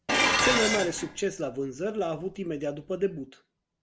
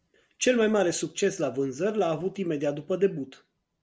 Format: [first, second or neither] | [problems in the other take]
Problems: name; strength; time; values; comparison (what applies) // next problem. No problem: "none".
second | background sound (Dishes, pots, and pans); 1 dB above the speech